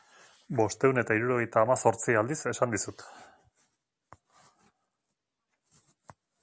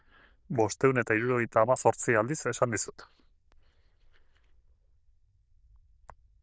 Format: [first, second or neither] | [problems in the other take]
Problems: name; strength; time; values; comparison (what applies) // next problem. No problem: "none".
first | noise reduction (neural diffusion model UNIVERSE++)